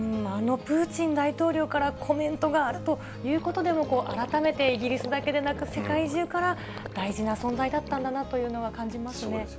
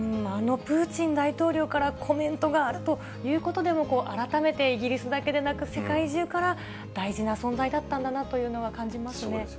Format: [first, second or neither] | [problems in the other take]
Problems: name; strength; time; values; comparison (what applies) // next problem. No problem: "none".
second | background sound (Gurgling); 17 dB below the speech